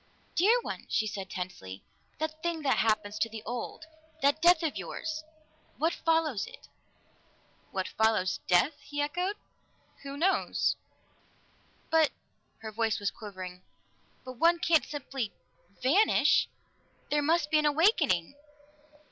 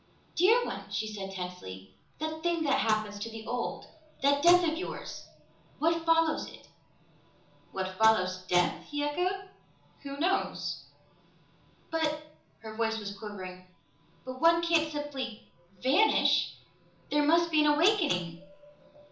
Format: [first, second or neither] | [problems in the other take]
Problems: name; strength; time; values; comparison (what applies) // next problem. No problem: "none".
first | room echo; dies away in 0.7 s